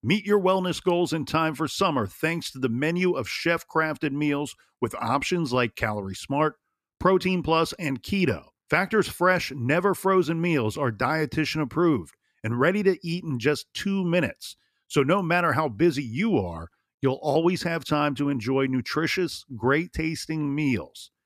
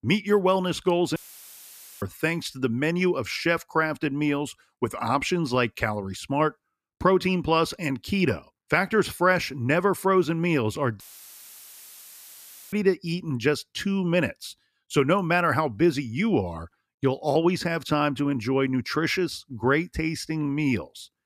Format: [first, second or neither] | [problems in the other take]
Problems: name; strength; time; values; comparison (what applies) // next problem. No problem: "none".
first | audio cutting out; filled with static; at 1 s for 1 s and at 11 s for 1.5 s